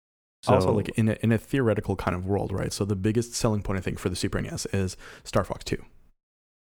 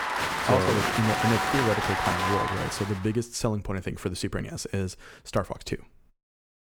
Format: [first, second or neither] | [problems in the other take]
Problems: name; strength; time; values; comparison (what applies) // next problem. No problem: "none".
first | crowd noise; very loud; until 2.5 s; 2 dB above the speech